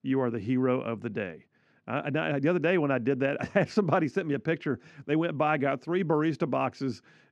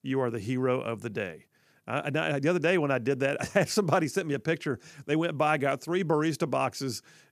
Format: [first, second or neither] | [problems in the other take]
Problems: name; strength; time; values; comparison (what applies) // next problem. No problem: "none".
second | muffled; slightly; fading above 3 kHz